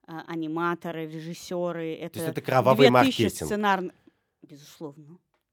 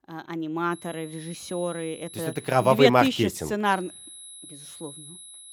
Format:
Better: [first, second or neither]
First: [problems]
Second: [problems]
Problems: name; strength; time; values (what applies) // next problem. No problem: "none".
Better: first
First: none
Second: high-pitched whine; noticeable; from 0.5 to 3 s and from 3.5 s on; 11 kHz, 20 dB below the speech